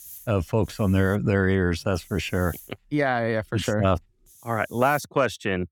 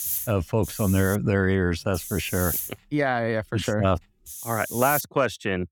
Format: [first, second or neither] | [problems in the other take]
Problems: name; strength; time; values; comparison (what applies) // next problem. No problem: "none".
first | hiss; loud; until 1 s, from 2 to 3 s and from 4 to 5 s; 6 dB below the speech; faint in the first